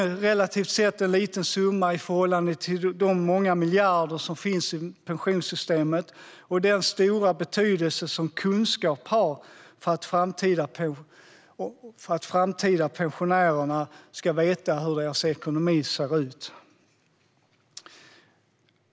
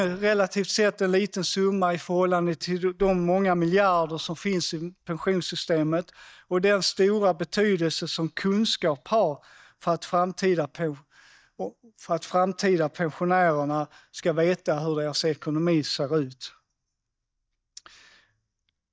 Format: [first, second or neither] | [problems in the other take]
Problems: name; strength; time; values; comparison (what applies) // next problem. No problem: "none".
first | noise reduction (neural mask model DeepFilterNet 3)